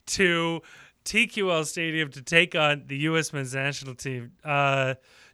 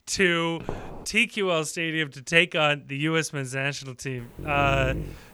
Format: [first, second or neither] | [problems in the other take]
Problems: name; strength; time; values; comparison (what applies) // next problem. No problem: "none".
first | footsteps; faint; at 0.5 s; peak 10 dB below the speech // dog barking; noticeable; at 4 s; peak 6 dB below the speech